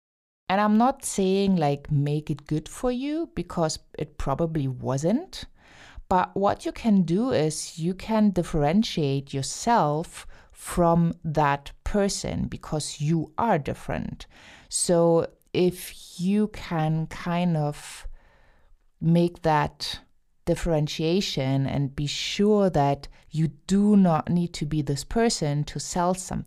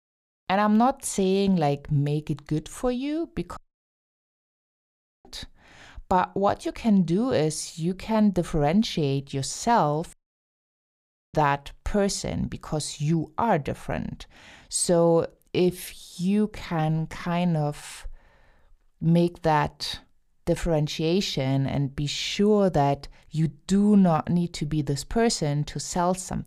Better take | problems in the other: first | audio cutting out; at 3.5 s for 1.5 s and at 10 s for 1 s

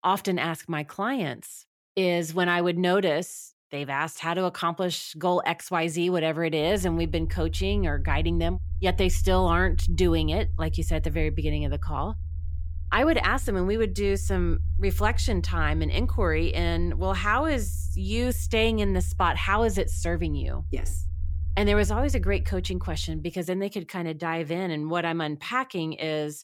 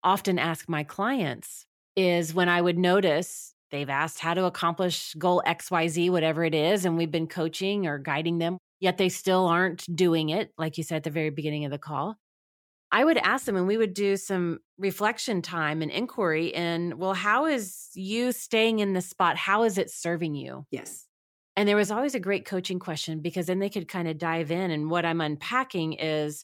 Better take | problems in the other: second | low rumble; faint; from 6.5 to 23 s; 20 dB below the speech

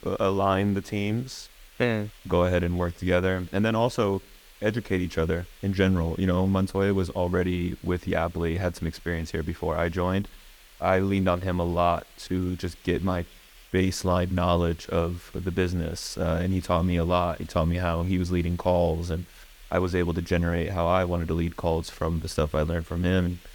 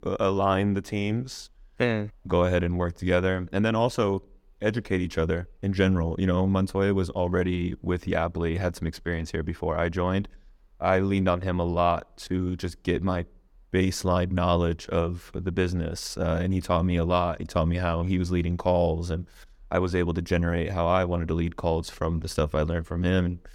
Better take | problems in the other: second | hiss; faint; throughout; 25 dB below the speech

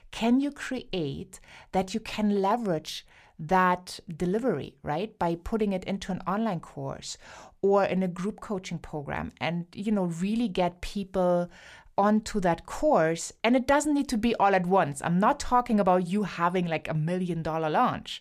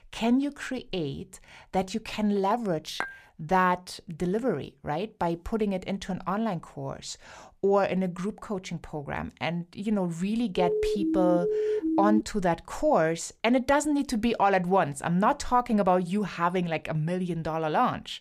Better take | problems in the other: first | clattering dishes; noticeable; at 3 s; peak 8 dB below the speech // siren; loud; from 11 to 12 s; peak 1 dB above the speech

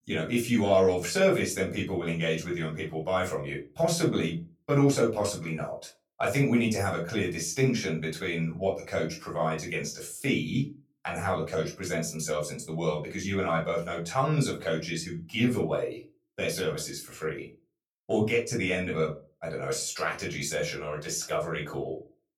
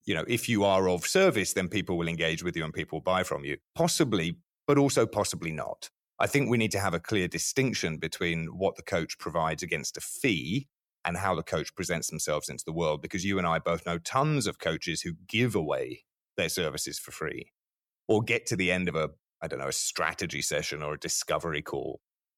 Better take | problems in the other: second | off-mic speech; far // room echo; slight; dies away in 0.2 s

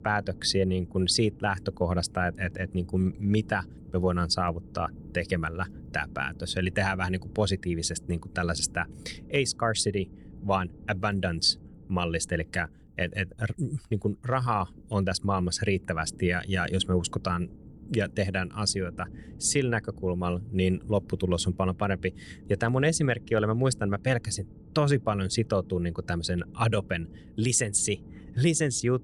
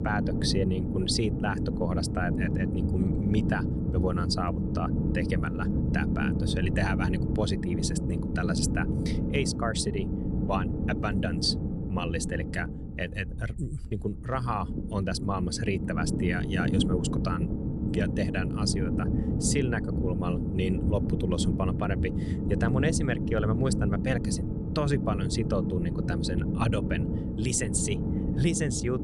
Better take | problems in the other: first | low rumble; loud; throughout; 4 dB below the speech; faint in the first

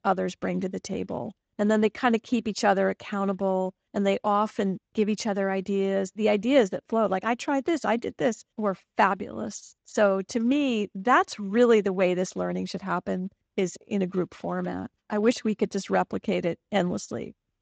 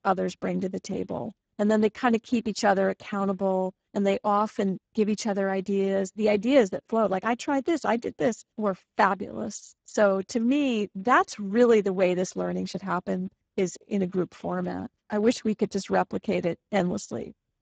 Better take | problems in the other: first | garbled, watery; badly; nothing above 7.5 kHz; slightly in the first

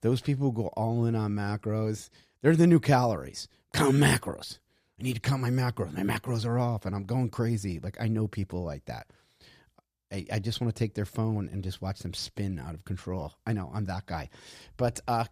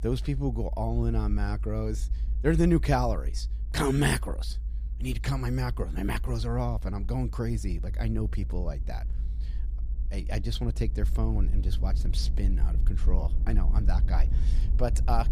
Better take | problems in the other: first | low rumble; noticeable; throughout; 20 dB below the speech

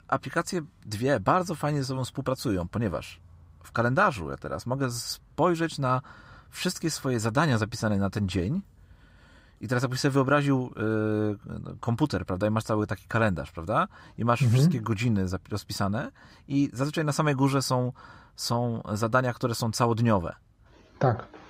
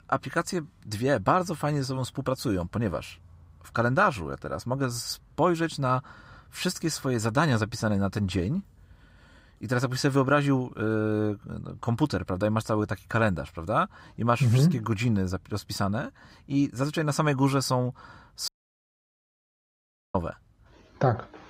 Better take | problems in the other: first | audio cutting out; at 18 s for 1.5 s

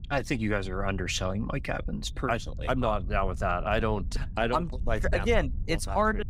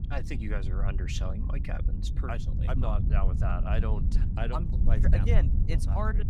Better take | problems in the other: first | wind noise on the microphone; heavy; 6 dB below the speech; occasional gusts in the first

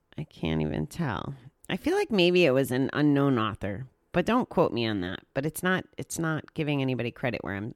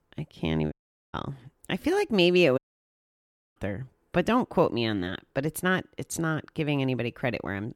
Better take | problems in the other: first | audio cutting out; at 0.5 s and at 2.5 s for 1 s

